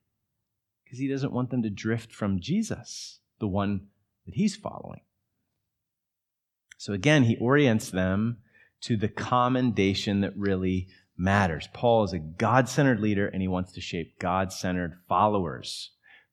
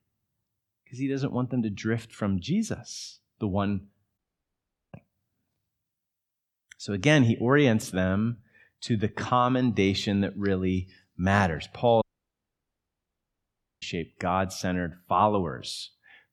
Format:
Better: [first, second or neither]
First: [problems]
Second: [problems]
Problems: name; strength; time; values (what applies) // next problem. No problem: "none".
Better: first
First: none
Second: audio cutting out; at 4 s for 1 s and at 12 s for 2 s